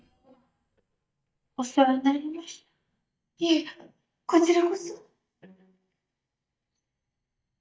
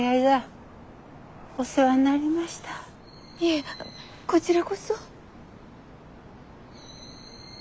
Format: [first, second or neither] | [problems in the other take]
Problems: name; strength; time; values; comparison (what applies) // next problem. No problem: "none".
second | noise reduction (neural mask model DeepFilterNet 3)